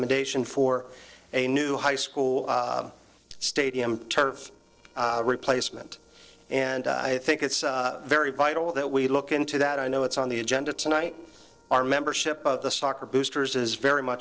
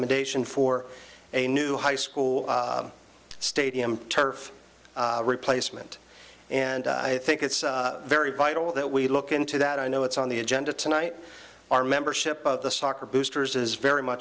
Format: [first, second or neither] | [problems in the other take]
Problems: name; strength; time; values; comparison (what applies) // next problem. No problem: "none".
second | noise reduction (neural separator model SepFormer DNS4)